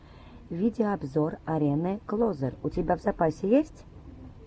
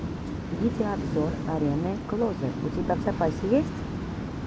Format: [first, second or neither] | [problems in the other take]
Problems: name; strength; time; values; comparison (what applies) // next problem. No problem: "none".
first | background sound (Waves, surf); 3 dB below the speech